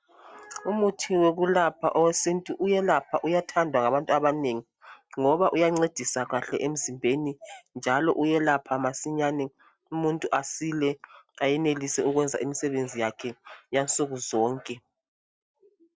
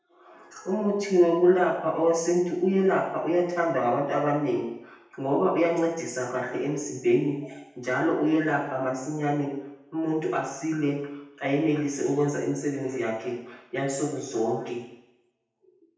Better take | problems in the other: first | room echo; dies away in 0.8 s

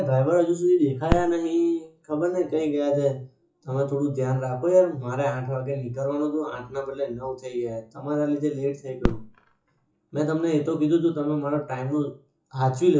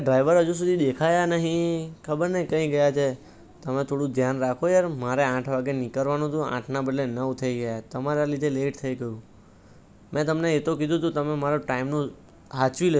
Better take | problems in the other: second | noise reduction (classical method WPE with log-MMSE)

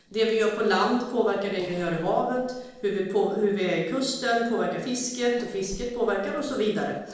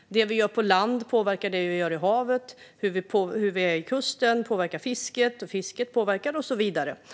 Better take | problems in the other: second | noise reduction (neural separator model SepFormer DNS4)

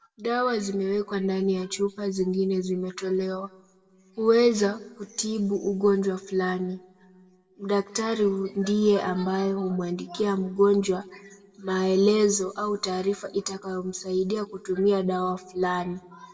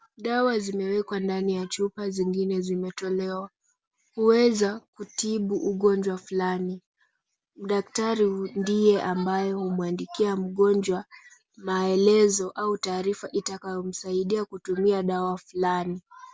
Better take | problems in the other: second | room echo; dies away in 0.8 s

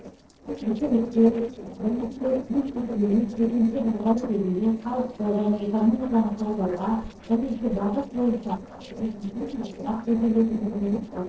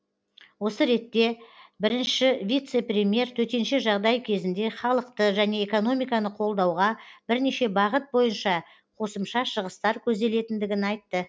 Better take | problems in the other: second | noise reduction (neural separator model SepFormer DNS4)

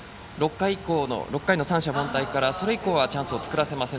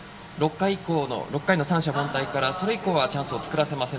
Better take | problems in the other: first | room echo; dies away in 2.7 s

